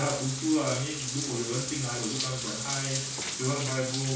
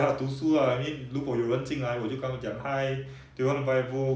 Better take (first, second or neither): second